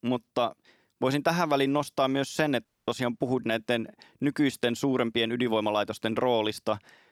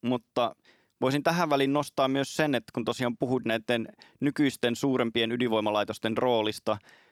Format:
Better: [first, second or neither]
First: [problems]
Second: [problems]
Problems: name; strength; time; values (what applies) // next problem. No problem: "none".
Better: second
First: audio cutting out; at 2.5 s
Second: none